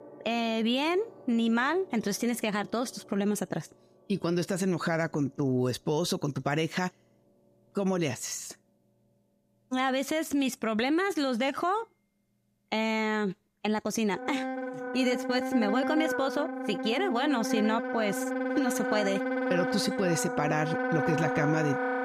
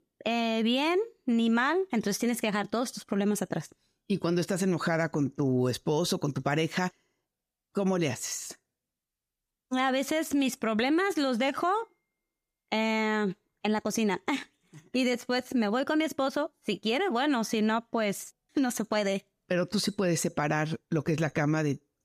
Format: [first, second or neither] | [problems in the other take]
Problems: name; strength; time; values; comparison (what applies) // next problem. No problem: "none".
second | background music; loud; throughout; 2 dB below the speech